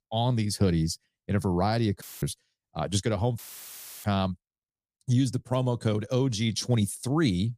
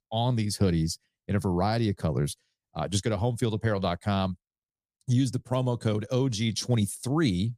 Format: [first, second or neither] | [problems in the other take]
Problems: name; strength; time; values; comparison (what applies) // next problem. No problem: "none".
second | audio cutting out; filled with static; at 2 s and at 3.5 s for 0.5 s